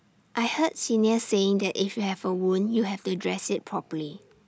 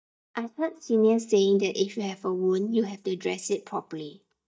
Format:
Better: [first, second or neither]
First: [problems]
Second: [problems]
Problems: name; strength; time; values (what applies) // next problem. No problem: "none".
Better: first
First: none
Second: noise reduction (neural mask model DeepFilterNet 3)